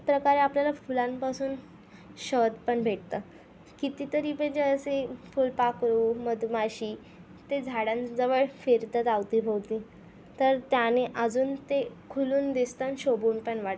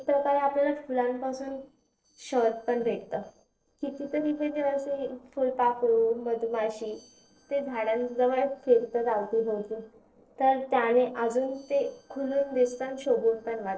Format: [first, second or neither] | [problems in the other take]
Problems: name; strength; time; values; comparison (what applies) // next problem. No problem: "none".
first | noise reduction (neural separator model SepFormer DNS4)